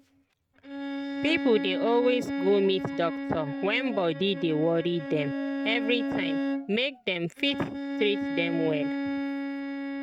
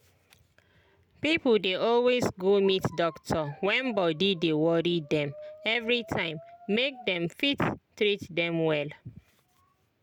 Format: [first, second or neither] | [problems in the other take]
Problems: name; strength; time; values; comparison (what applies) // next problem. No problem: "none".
second | noise reduction (neural mask model RNNoise)